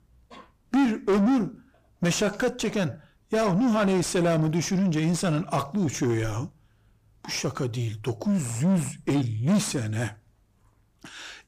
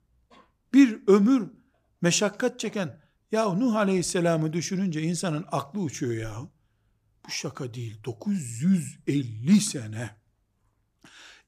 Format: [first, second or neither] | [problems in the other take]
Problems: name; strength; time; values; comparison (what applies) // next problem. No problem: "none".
second | distortion; heavy; 5 dB below the speech